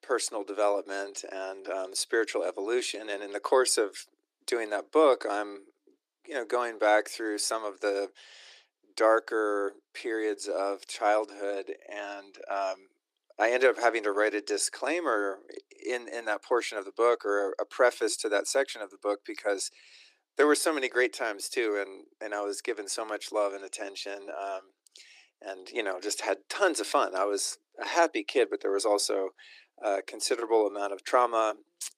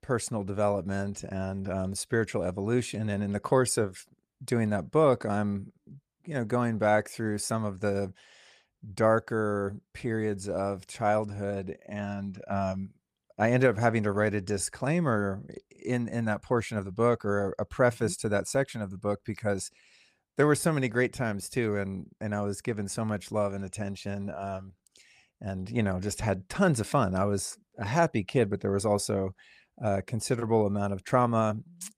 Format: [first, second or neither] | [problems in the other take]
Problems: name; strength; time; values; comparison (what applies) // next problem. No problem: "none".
second | thin; very; fading below 300 Hz